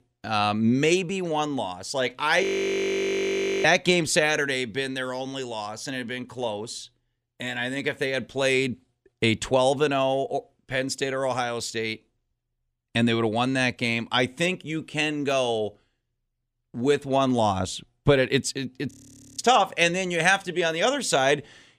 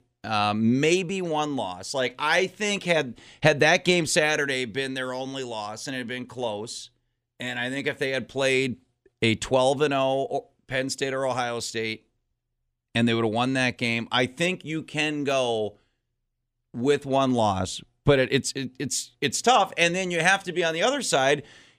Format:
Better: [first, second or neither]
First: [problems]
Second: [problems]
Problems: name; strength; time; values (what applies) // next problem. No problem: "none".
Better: second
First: audio freezing; at 2.5 s for 1 s and at 19 s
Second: none